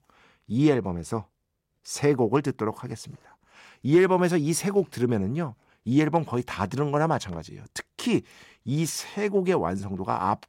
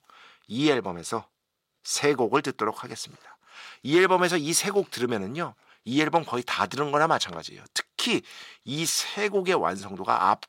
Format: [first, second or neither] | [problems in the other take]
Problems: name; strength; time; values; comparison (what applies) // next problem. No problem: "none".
first | thin; somewhat; fading below 650 Hz